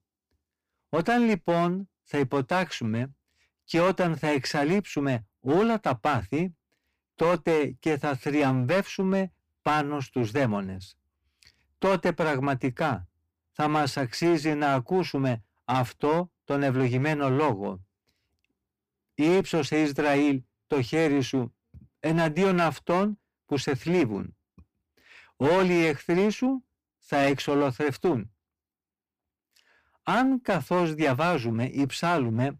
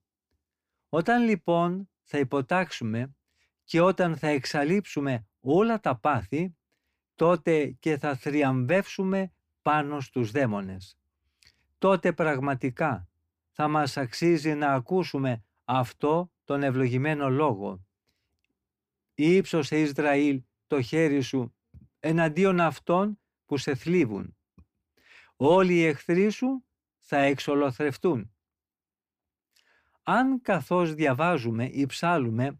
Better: second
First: distortion; slight; 7% of the sound clipped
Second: none

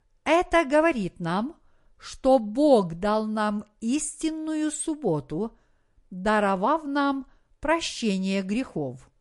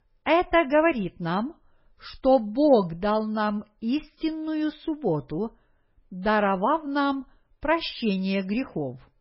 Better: first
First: garbled, watery; slightly; nothing above 9 kHz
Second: garbled, watery; badly; nothing above 5.5 kHz

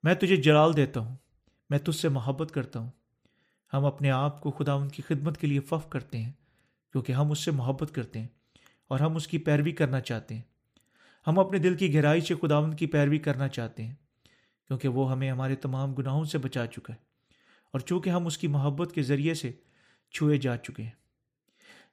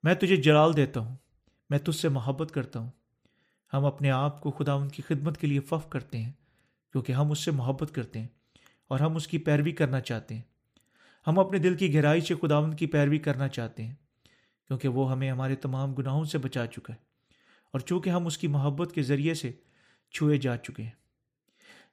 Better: neither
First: none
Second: none

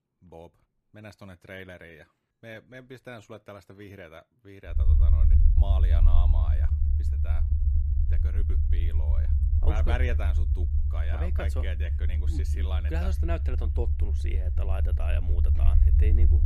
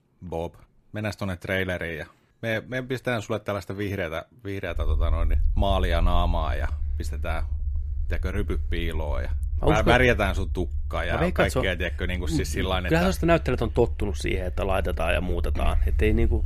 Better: second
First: low rumble; loud; from 5 s on; 3 dB below the speech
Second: low rumble; faint; from 5 s on; 20 dB below the speech

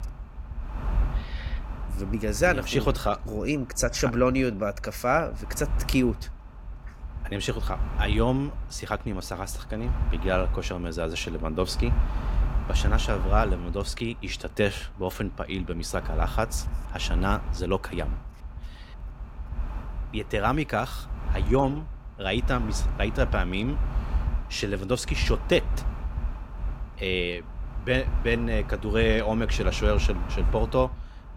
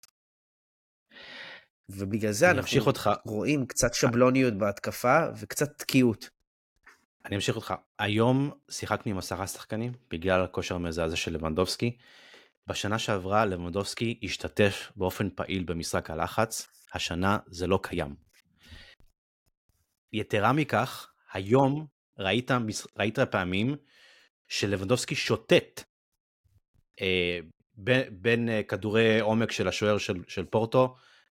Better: second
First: wind noise on the microphone; occasional gusts; 15 dB below the speech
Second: none

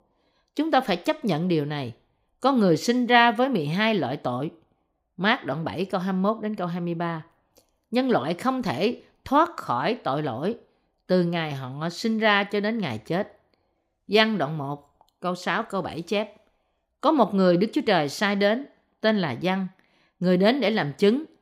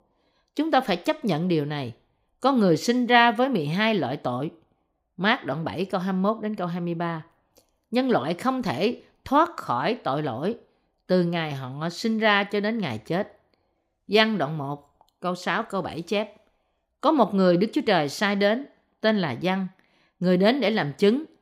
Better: neither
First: none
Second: none

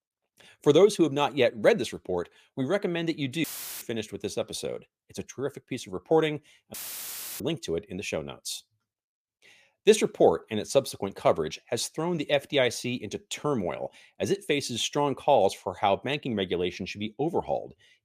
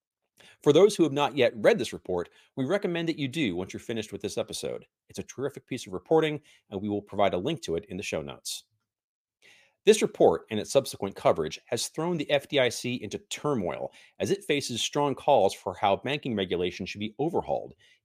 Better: second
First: audio cutting out; filled with static; at 3.5 s and at 6.5 s for 0.5 s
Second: none

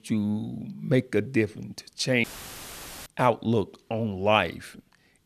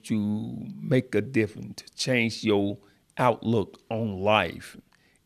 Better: second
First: audio cutting out; filled with static; at 2 s for 1 s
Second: none

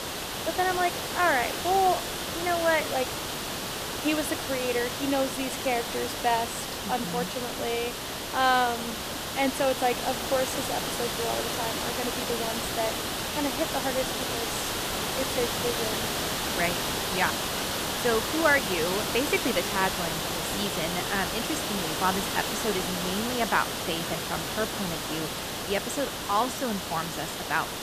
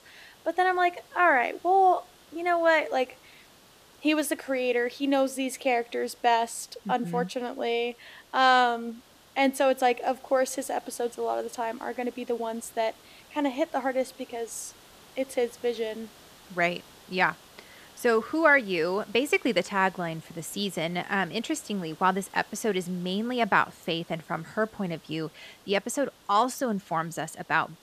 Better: second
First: hiss; loud; throughout; 1 dB below the speech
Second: hiss; faint; throughout; 25 dB below the speech

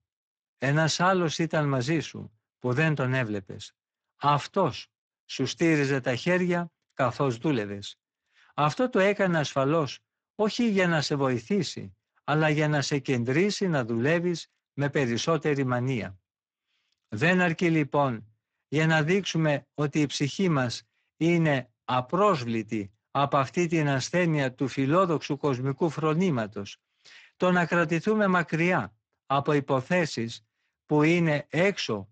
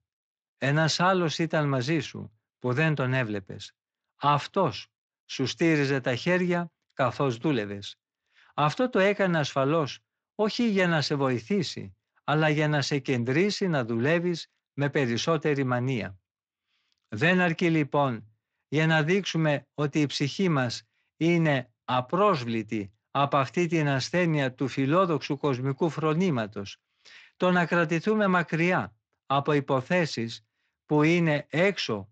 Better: second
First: garbled, watery; badly; nothing above 7.5 kHz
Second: garbled, watery; slightly; nothing above 7.5 kHz

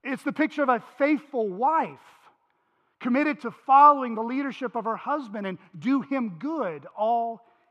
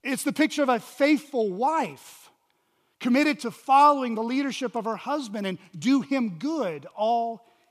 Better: second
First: muffled; very; fading above 3.5 kHz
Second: none

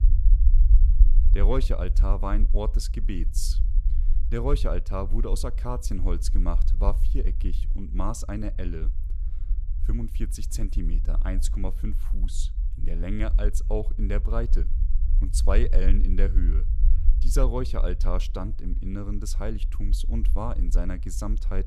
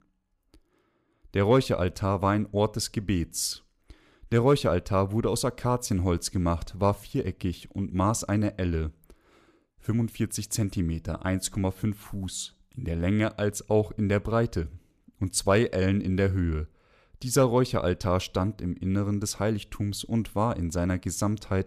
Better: second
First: low rumble; noticeable; throughout; 15 dB below the speech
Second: none

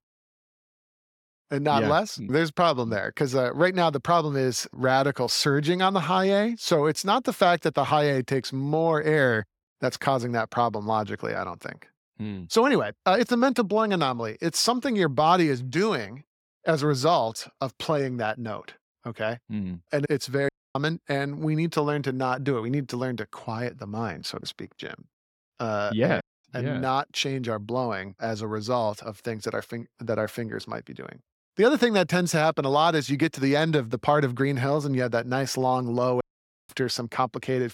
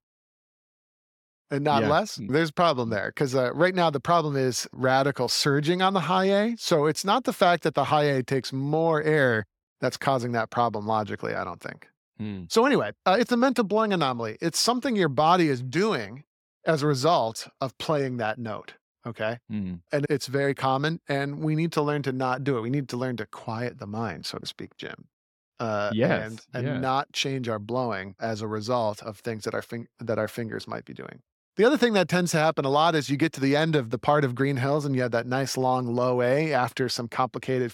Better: second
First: audio cutting out; at 20 s, at 26 s and at 36 s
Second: none

